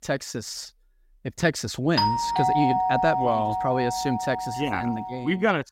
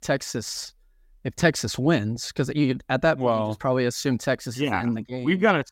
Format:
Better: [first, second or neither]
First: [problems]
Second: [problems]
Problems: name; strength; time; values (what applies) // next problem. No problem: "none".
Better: second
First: doorbell; loud; from 2 to 5 s; peak 4 dB above the speech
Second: none